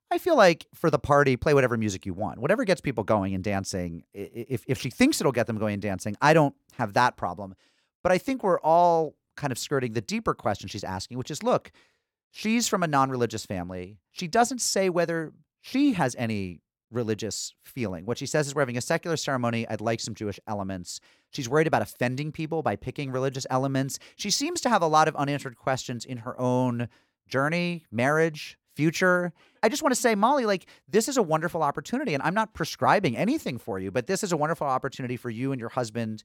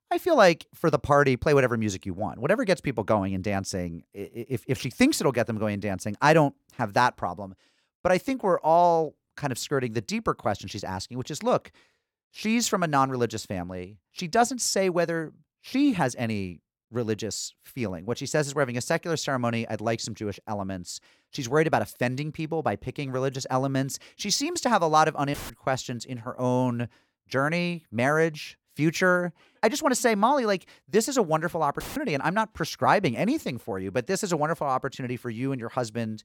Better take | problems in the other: first | audio cutting out; filled with static; at 25 s and at 32 s

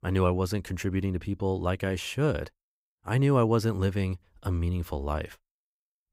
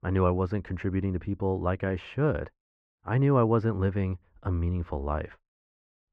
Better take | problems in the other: first | muffled; very; fading above 1.5 kHz

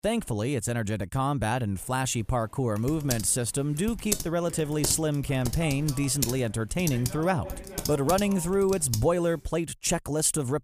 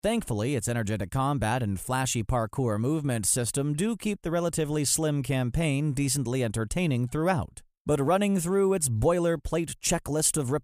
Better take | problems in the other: second | keyboard typing; noticeable; from 3 to 9 s; peak 3 dB below the speech

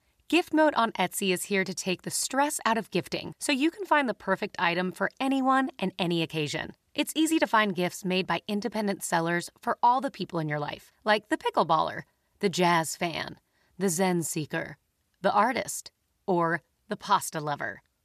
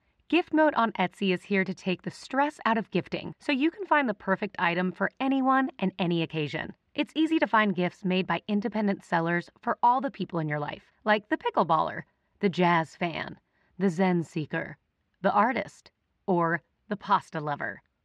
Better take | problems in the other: first | muffled; slightly; fading above 2.5 kHz

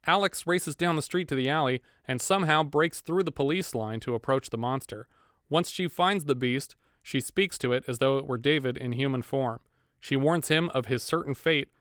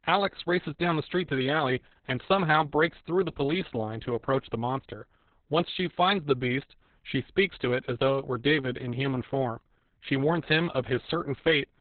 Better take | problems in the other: first | garbled, watery; badly; nothing above 4 kHz; slightly in the first

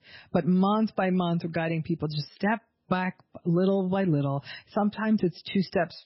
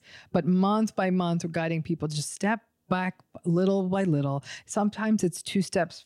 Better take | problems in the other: second | garbled, watery; badly; nothing above 5.5 kHz

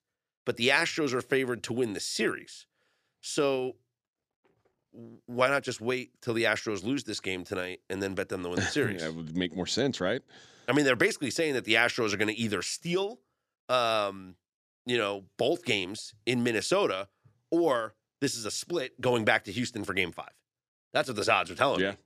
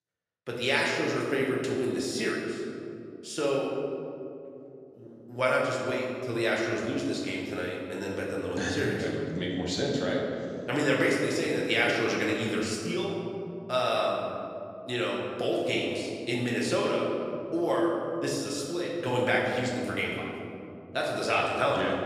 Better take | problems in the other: first | room echo; noticeable; dies away in 2.5 s // off-mic speech; far

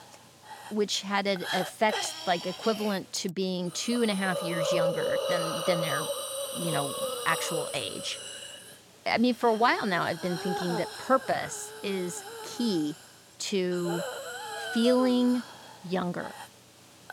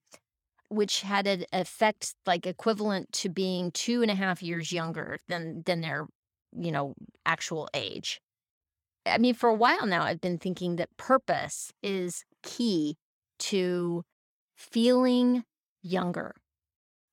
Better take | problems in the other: second | hiss; loud; throughout; 5 dB below the speech

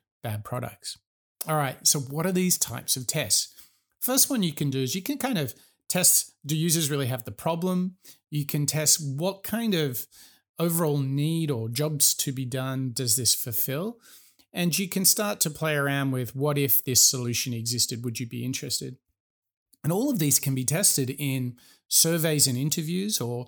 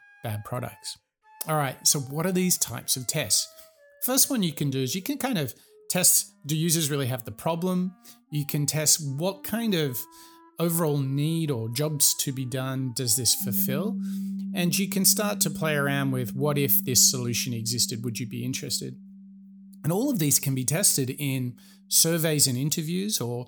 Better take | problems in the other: first | background music; noticeable; throughout; 10 dB below the speech

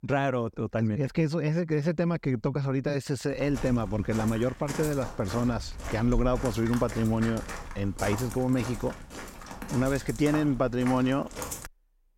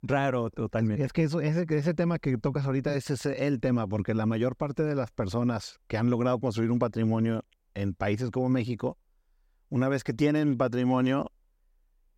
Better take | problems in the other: second | footsteps; noticeable; from 3.5 to 12 s; peak 7 dB below the speech

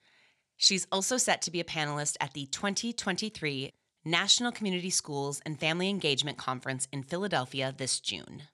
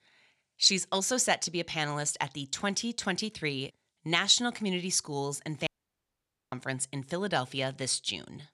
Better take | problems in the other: first | audio cutting out; at 5.5 s for 1 s

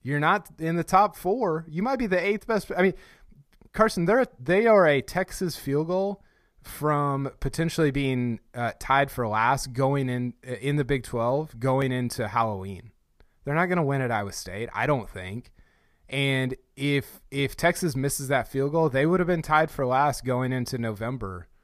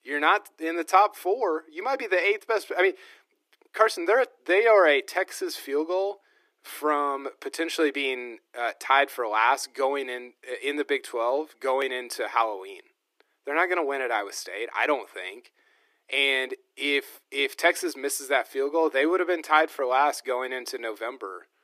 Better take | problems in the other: first | thin; very; fading below 300 Hz

